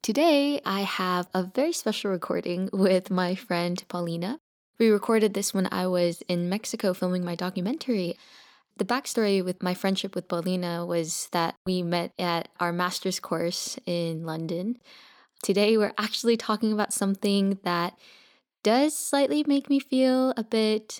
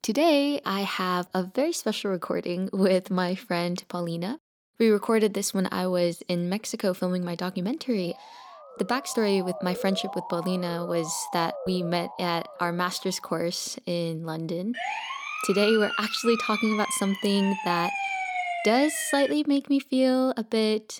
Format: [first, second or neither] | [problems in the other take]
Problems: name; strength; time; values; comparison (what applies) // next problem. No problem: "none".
first | siren; noticeable; from 8 to 13 s and from 15 to 19 s; peak 2 dB below the speech